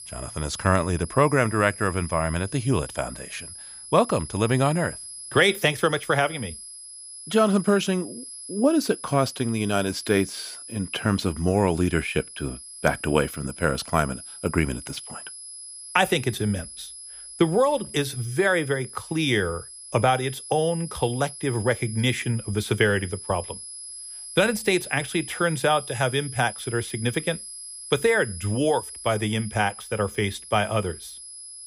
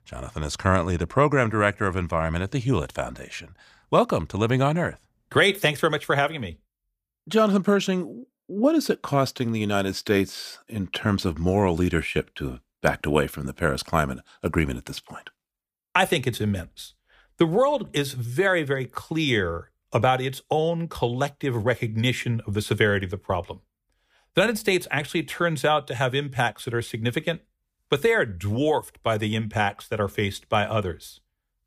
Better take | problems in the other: second | high-pitched whine; noticeable; throughout; 11 kHz, 15 dB below the speech

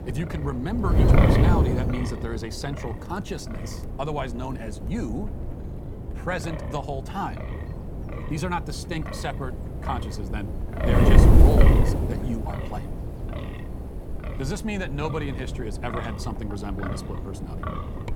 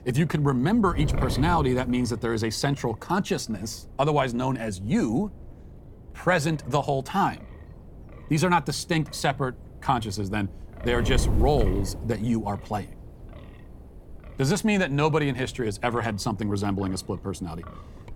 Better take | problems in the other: second | wind noise on the microphone; heavy; as loud as the speech; occasional gusts in the second

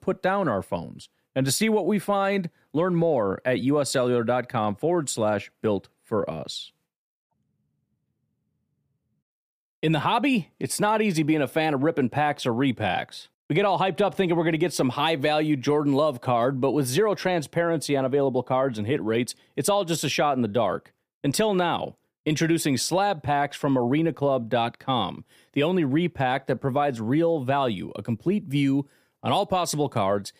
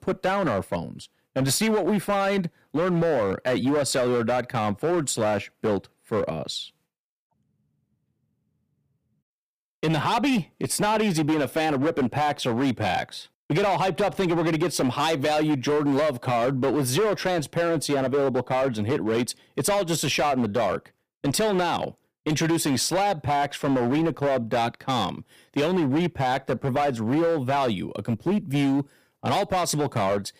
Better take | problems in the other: first | distortion; slight; 14% of the sound clipped

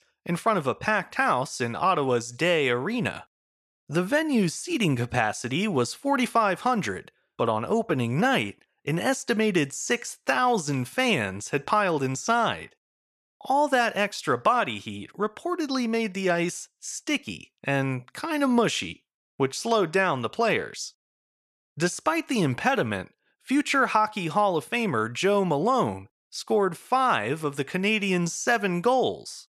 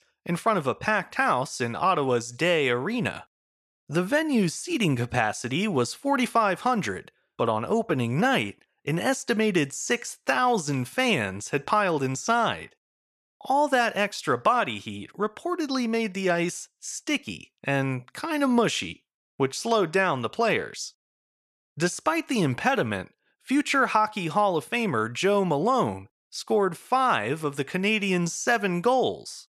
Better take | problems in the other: neither | none

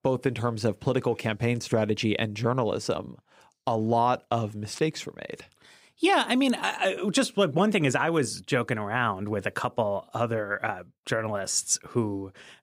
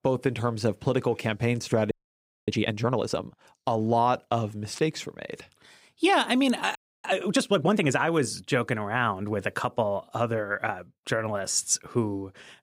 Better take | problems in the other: first | audio freezing; at 2 s for 0.5 s and at 7 s

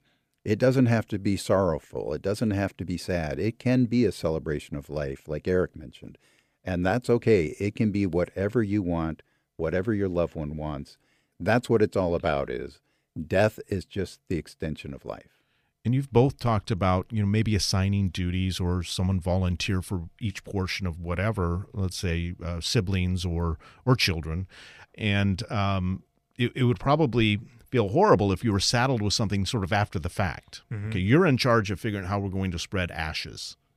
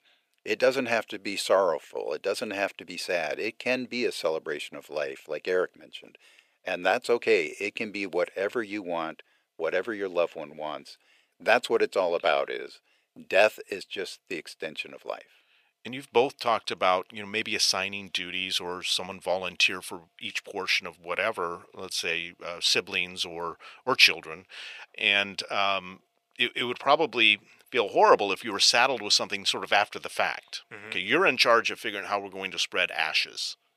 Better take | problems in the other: first | thin; very; fading below 600 Hz

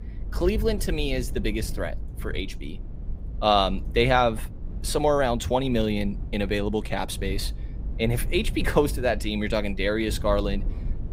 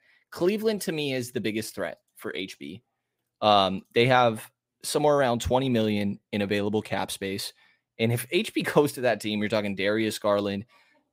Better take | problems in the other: second | low rumble; faint; throughout; 20 dB below the speech

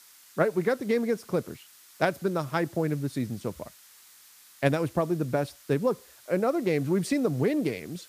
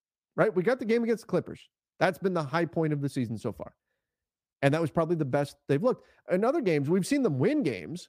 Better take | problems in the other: second | hiss; faint; throughout; 25 dB below the speech

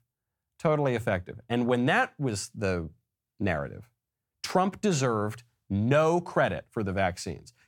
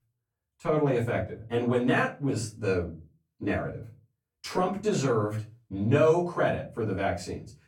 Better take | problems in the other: first | off-mic speech; far // room echo; slight; dies away in 0.3 s

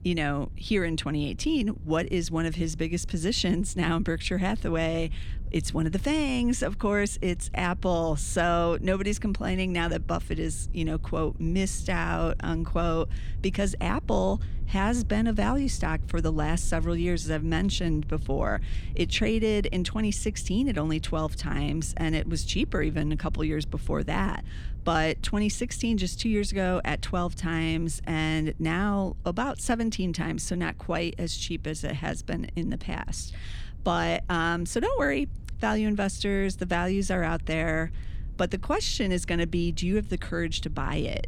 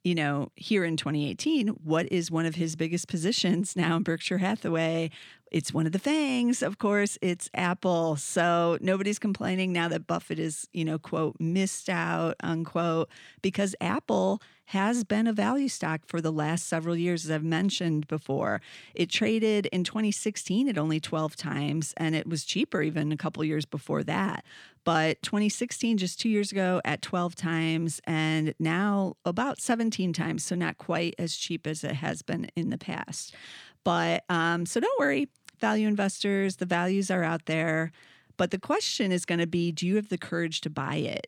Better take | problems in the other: second | low rumble; faint; throughout; 25 dB below the speech

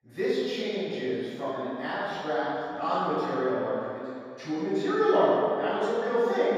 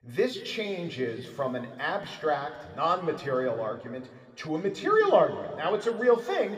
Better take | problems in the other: second | room echo; strong; dies away in 2.2 s; slight in the second // off-mic speech; far; somewhat distant in the second

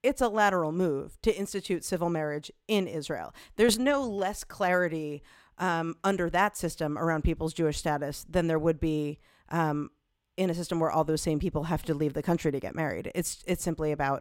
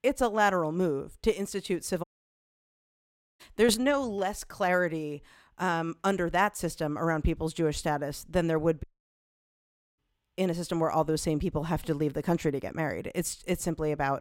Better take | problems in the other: first | audio cutting out; at 2 s for 1.5 s and at 9 s for 1 s

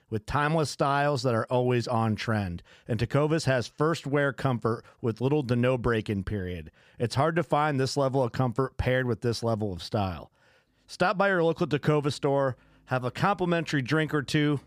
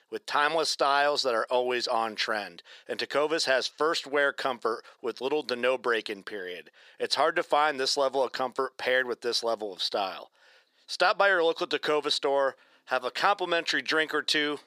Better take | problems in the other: first | thin; very; fading below 400 Hz

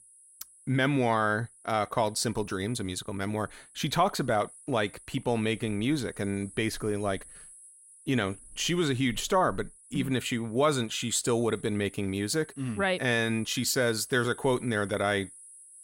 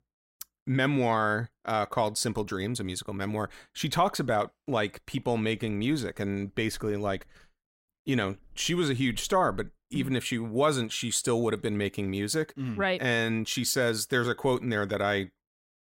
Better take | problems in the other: second | high-pitched whine; faint; throughout; 10.5 kHz, 20 dB below the speech

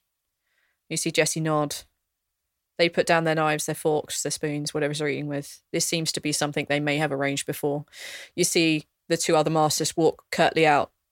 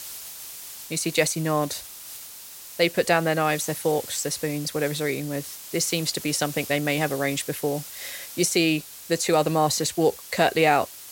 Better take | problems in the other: first | hiss; noticeable; throughout; 15 dB below the speech

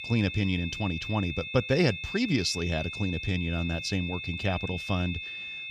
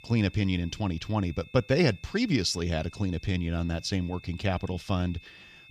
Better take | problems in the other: second | high-pitched whine; loud; throughout; 2.5 kHz, 6 dB below the speech; faint in the second

